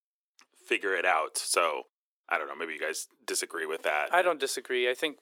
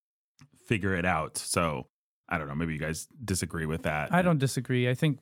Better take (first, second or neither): second